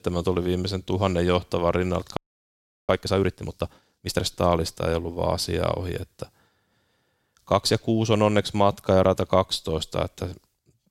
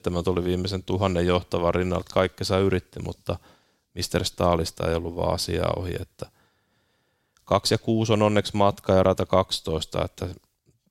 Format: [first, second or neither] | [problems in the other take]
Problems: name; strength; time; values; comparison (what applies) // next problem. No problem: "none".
second | audio freezing; at 2 s for 0.5 s